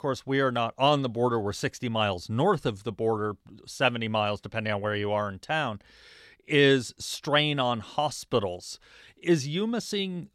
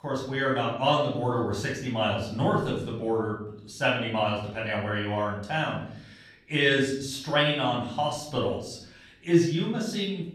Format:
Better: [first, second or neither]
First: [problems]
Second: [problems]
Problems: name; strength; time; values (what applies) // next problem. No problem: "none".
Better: first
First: none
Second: off-mic speech; far // room echo; noticeable; dies away in 0.7 s